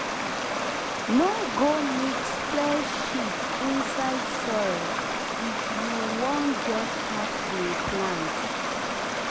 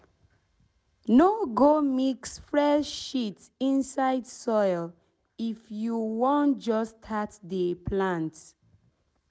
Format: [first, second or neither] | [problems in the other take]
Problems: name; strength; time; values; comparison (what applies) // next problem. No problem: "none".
second | background sound (Stream); 1 dB above the speech